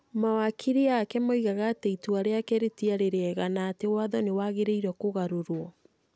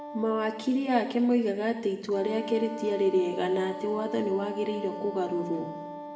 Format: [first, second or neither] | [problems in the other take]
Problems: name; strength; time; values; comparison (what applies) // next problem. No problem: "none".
first | background sound (Wind instrument, woodwind instrument); 11 dB below the speech // room echo; dies away in 1.4 s